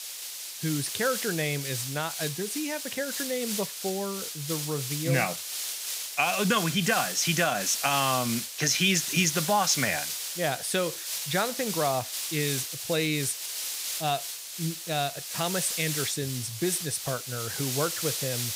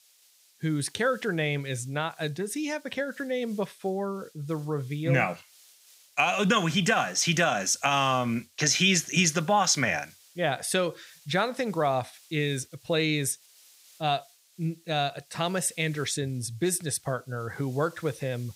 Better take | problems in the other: second | hiss; loud; throughout; 3 dB below the speech; faint in the second

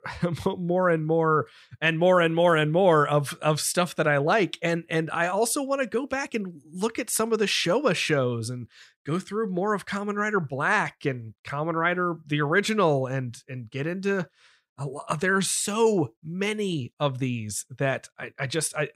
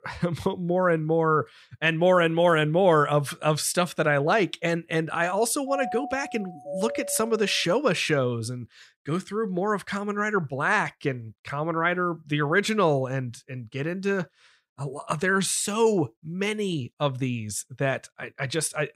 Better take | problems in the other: first | doorbell; noticeable; from 5.5 to 7.5 s; peak 8 dB below the speech

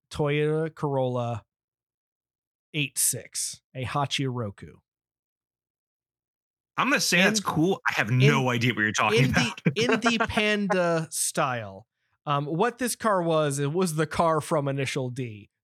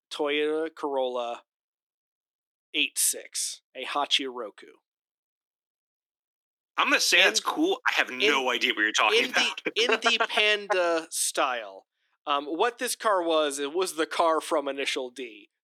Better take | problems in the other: first | thin; somewhat; fading below 300 Hz

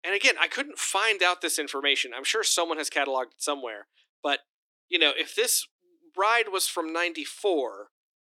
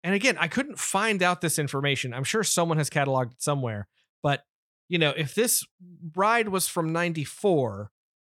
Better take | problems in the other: second | thin; somewhat; fading below 300 Hz

